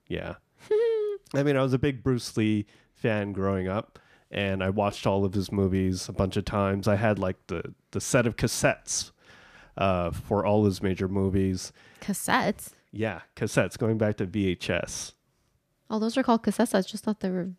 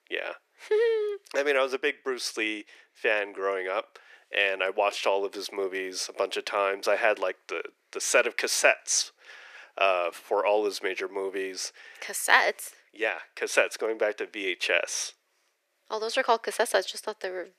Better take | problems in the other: first | thin; very; fading below 400 Hz

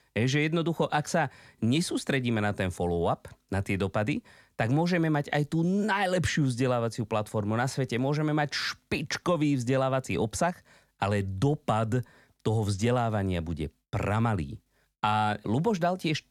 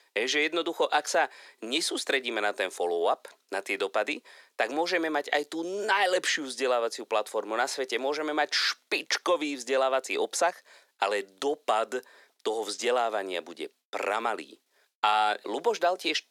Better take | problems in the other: first | thin; very; fading below 350 Hz

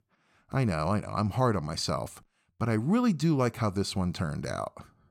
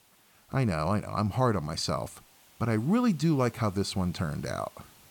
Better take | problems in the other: first | hiss; faint; throughout; 25 dB below the speech

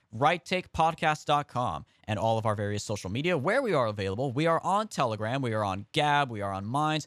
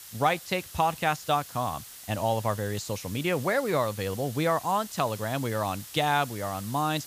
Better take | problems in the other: first | hiss; noticeable; throughout; 15 dB below the speech

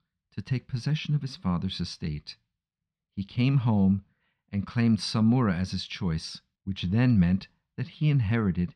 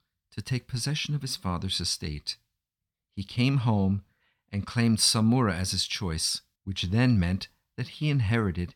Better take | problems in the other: second | muffled; very slightly; fading above 3.5 kHz

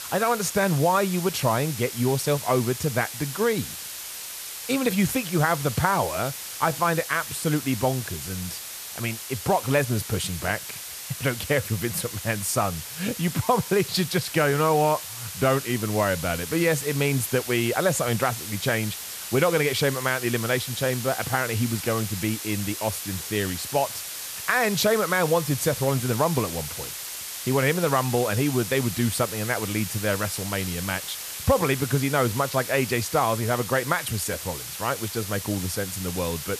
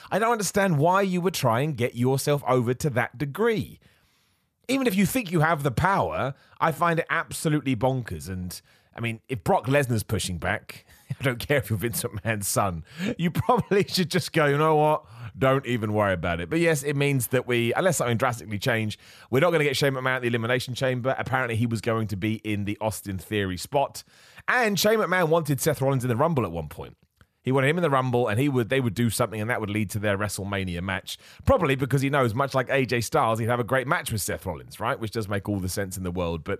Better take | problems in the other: second | hiss; loud; throughout; 7 dB below the speech

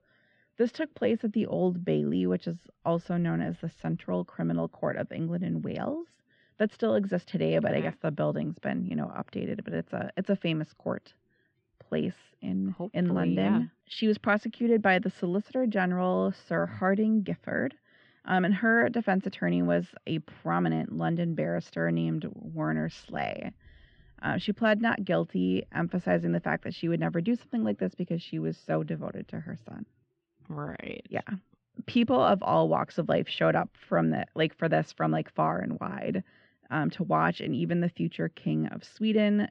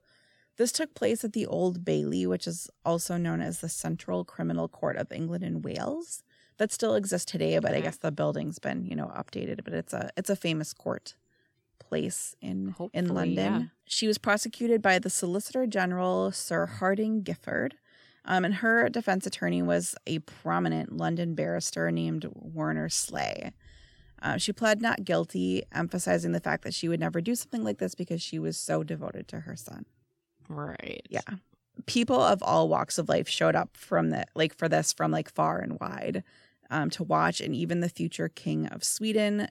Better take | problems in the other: second | muffled; very; fading above 3 kHz

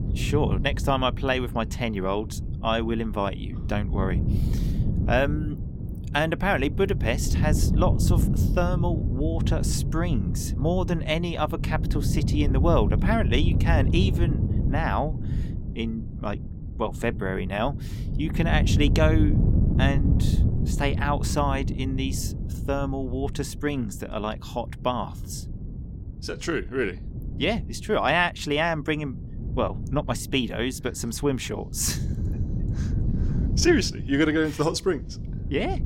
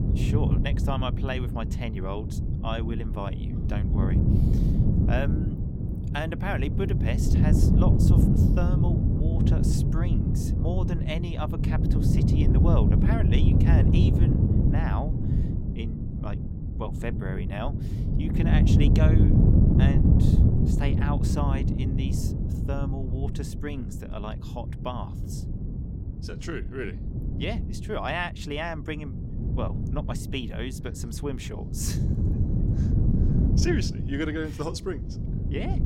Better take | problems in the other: first | wind noise on the microphone; heavy; as loud as the speech; occasional gusts in the first

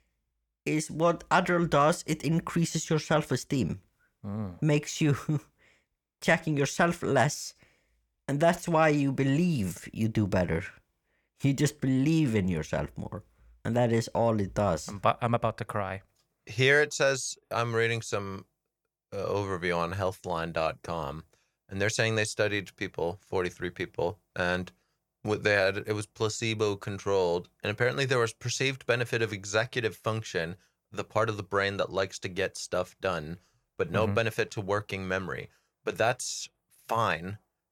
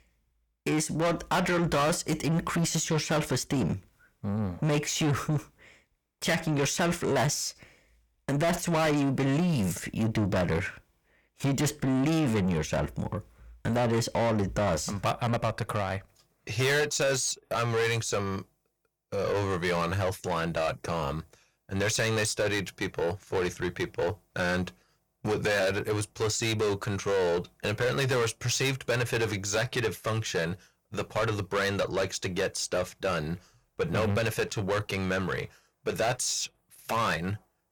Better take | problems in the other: first | distortion; heavy; 6 dB below the speech

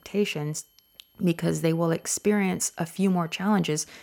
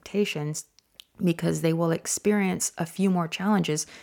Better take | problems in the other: second | high-pitched whine; faint; throughout; 11.5 kHz, 35 dB below the speech

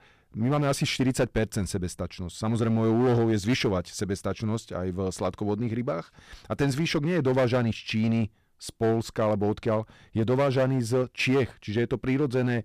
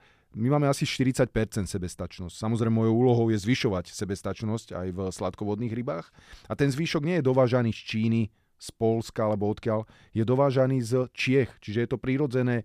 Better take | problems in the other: second | distortion; slight; 8% of the sound clipped

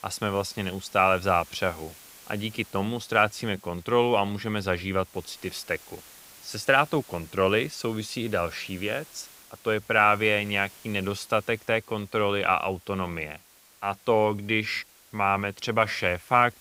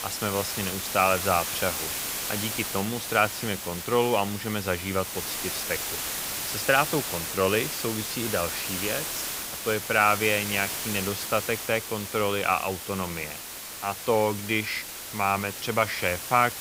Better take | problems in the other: first | hiss; loud; throughout; 4 dB below the speech; faint in the first

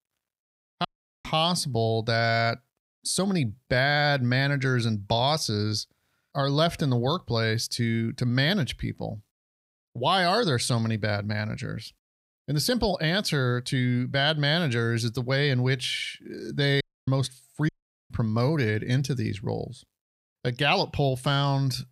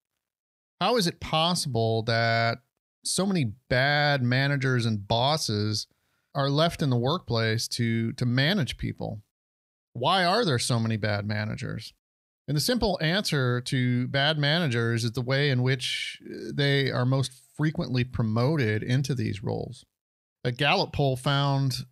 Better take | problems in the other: second | audio cutting out; at 1 s, at 17 s and at 18 s

